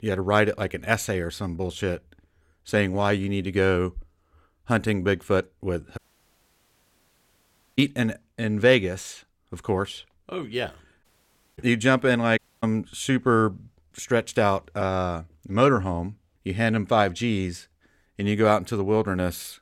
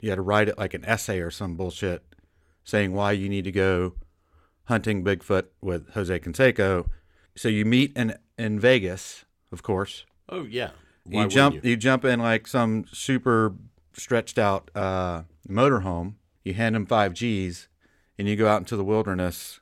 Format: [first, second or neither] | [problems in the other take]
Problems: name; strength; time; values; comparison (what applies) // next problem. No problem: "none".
second | audio cutting out; at 6 s for 2 s, at 11 s for 0.5 s and at 12 s